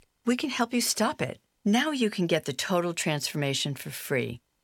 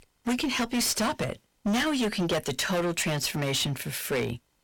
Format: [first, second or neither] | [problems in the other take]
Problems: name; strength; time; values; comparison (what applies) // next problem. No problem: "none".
first | distortion; heavy; 18% of the sound clipped